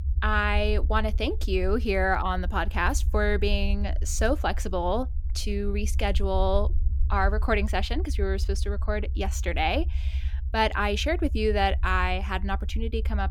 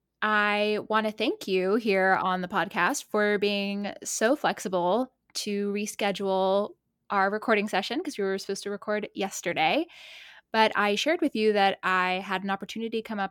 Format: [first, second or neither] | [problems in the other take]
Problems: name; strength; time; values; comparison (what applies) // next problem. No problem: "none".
second | low rumble; faint; throughout; 20 dB below the speech